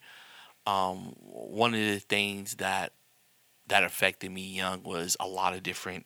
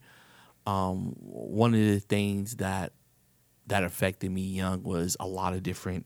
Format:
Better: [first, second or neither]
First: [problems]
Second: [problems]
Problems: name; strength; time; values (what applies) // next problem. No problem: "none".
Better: second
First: thin; somewhat; fading below 1 kHz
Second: none